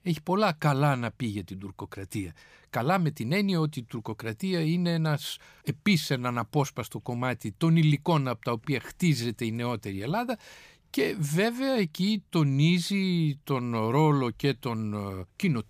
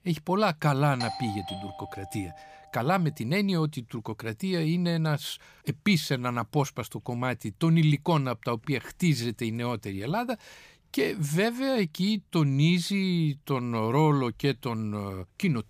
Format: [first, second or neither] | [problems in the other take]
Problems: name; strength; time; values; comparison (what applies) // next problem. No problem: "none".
first | doorbell; noticeable; from 1 to 2.5 s; peak 7 dB below the speech